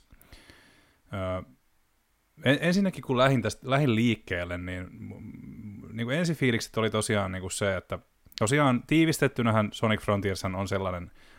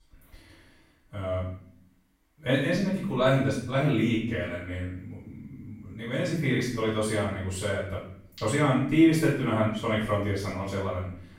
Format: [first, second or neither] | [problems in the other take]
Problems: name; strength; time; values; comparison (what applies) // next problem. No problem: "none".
first | room echo; noticeable; dies away in 0.6 s // off-mic speech; far